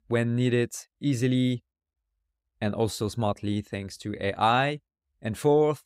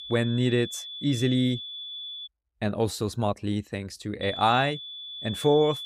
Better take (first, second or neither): first